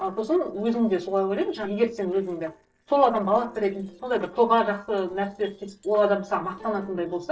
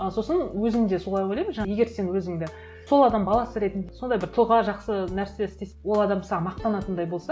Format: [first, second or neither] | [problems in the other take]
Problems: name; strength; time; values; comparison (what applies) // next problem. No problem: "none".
second | noise reduction (neural separator model SepFormer DNS4)